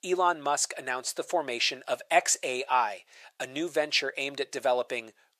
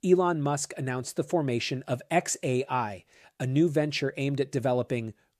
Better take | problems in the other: second | thin; very; fading below 750 Hz

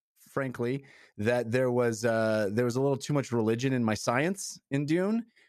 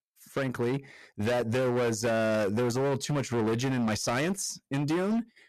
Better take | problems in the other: first | distortion; heavy; 24% of the sound clipped

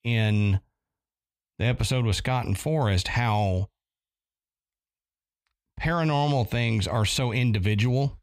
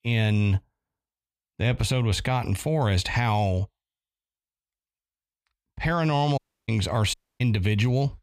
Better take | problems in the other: first | audio cutting out; at 6.5 s and at 7 s

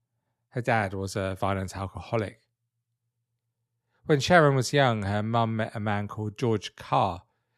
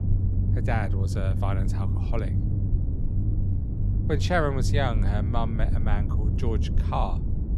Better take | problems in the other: first | low rumble; loud; throughout; 9 dB below the speech

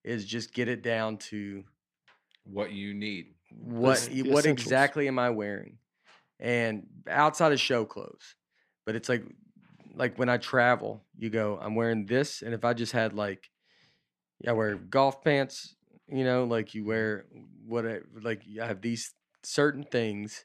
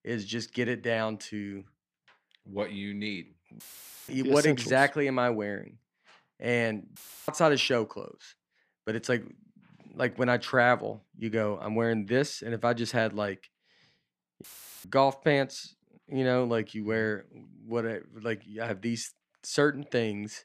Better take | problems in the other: first | audio cutting out; filled with static; at 3.5 s, at 7 s and at 14 s

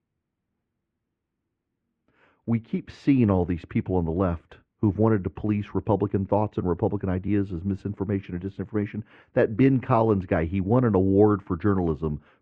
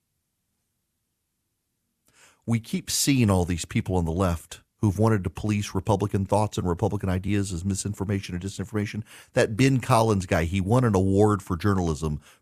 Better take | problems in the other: second | muffled; very; fading above 2 kHz

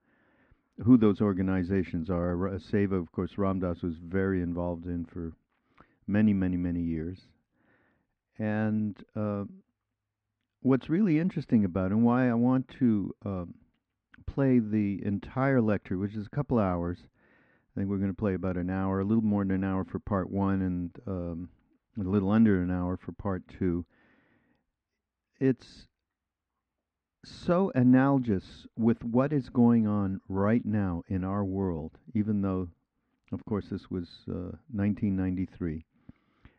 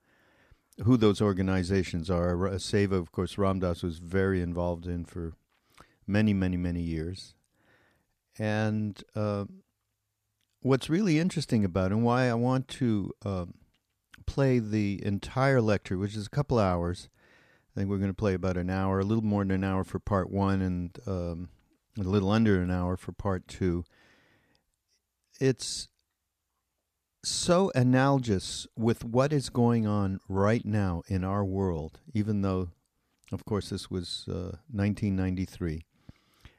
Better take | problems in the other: second | muffled; very; fading above 2 kHz

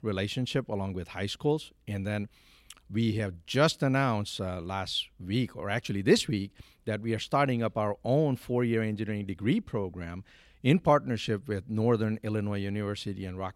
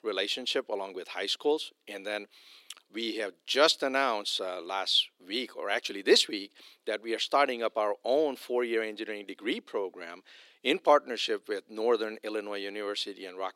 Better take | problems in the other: first | thin; very; fading below 350 Hz

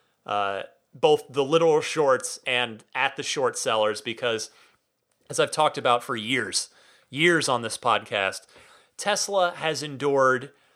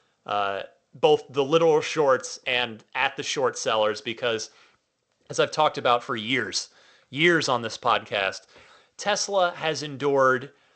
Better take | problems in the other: first | garbled, watery; slightly; nothing above 8 kHz

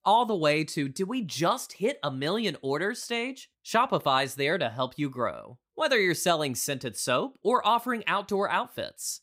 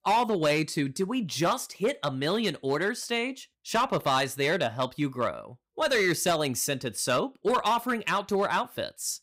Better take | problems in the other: first | distortion; slight; 6% of the sound clipped

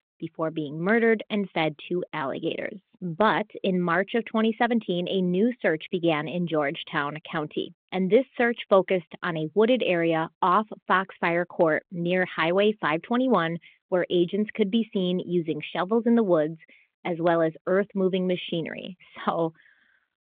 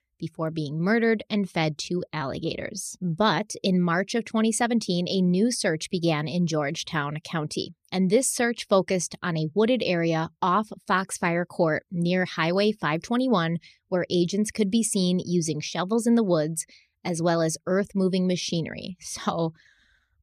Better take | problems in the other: second | phone-call audio

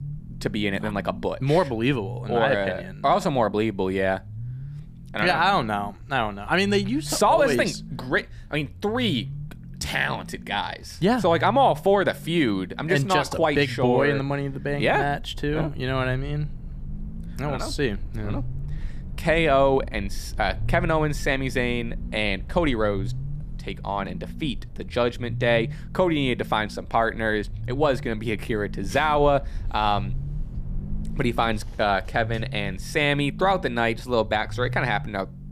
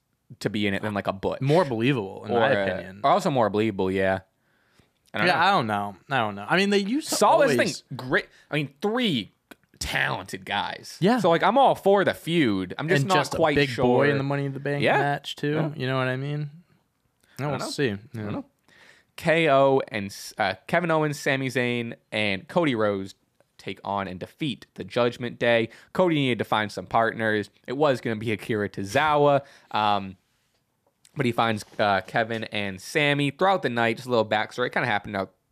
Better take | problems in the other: second | low rumble; faint; throughout; 25 dB below the speech

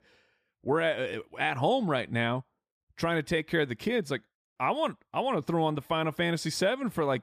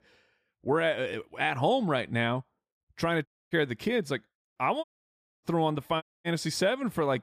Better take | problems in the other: first | audio cutting out; at 3.5 s, at 5 s for 0.5 s and at 6 s

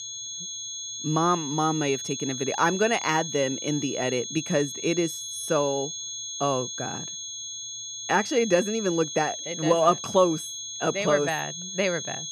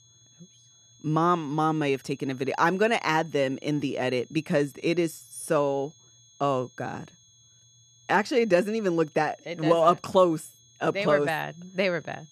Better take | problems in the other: second | high-pitched whine; loud; throughout; 6.5 kHz, 6 dB below the speech; faint in the second

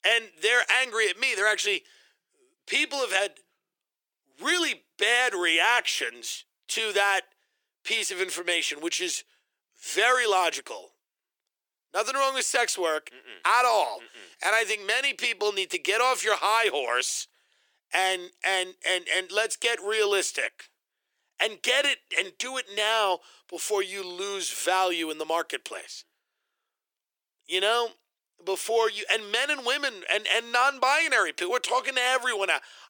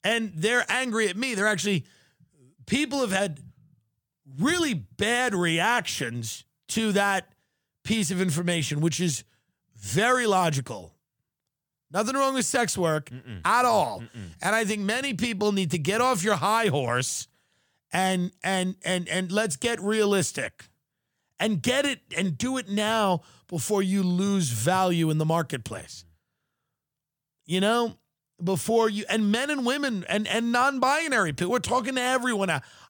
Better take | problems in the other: second | thin; very; fading below 350 Hz

